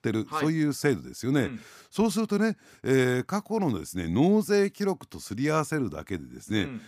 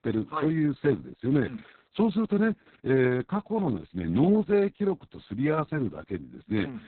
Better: first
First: none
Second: garbled, watery; badly; nothing above 4 kHz

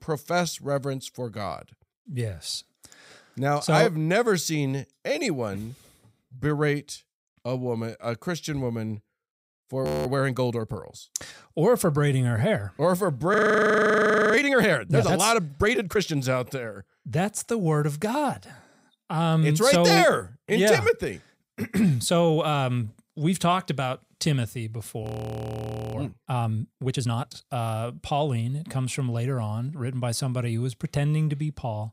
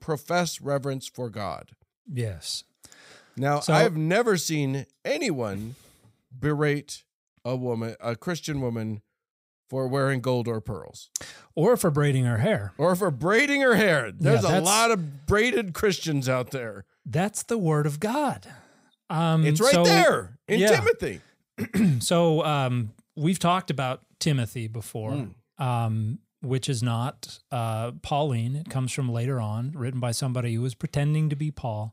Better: second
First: audio freezing; at 10 s, at 13 s for 1 s and at 25 s for 1 s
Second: none

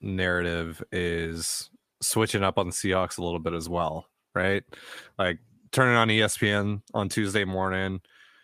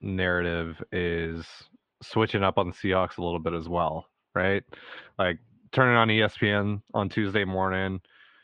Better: first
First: none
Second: muffled; very; fading above 3 kHz

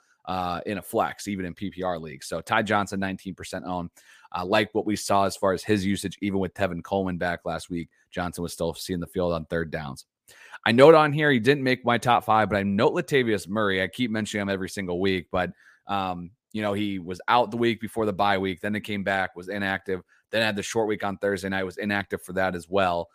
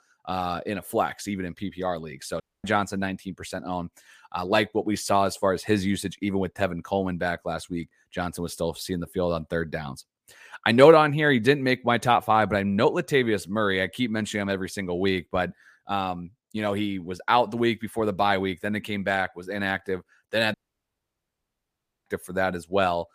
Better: first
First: none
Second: audio cutting out; at 2.5 s and at 21 s for 1.5 s

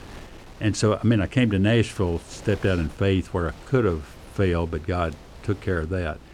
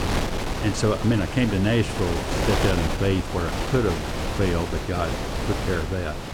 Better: first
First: wind noise on the microphone; occasional gusts; 20 dB below the speech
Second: wind noise on the microphone; heavy; 1 dB below the speech

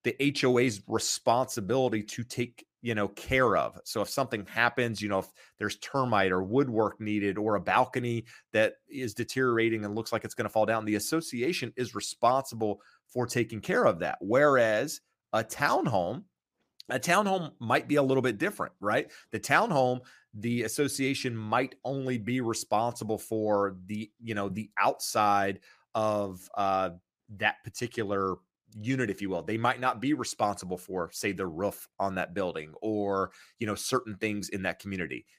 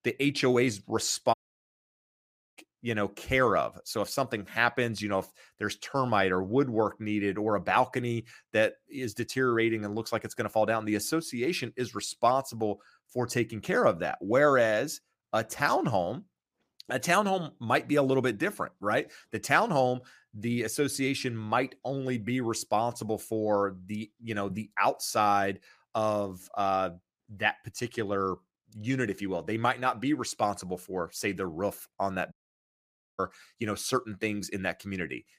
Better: first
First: none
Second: audio cutting out; at 1.5 s for 1 s and at 32 s for 1 s

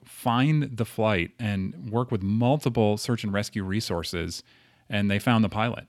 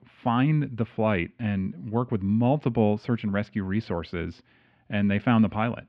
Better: first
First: none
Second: muffled; very; fading above 2.5 kHz

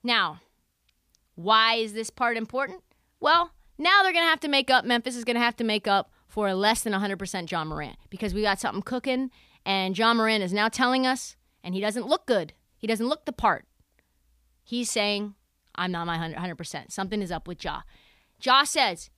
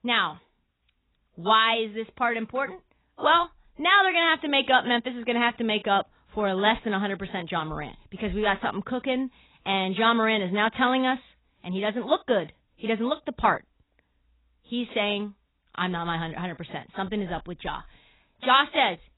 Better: first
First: none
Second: garbled, watery; badly; nothing above 4 kHz

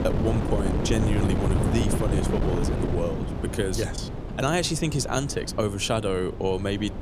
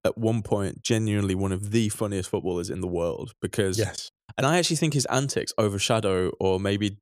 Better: second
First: wind noise on the microphone; heavy; 5 dB below the speech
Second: none

